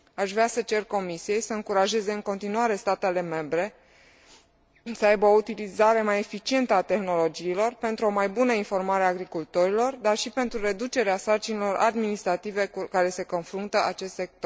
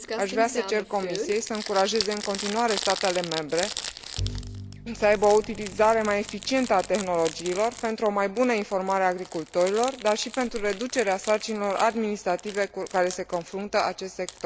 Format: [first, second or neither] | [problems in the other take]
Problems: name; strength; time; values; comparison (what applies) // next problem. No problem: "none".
first | background sound (Bowed string instrument + Crumpling, crinkling); 11 dB below the speech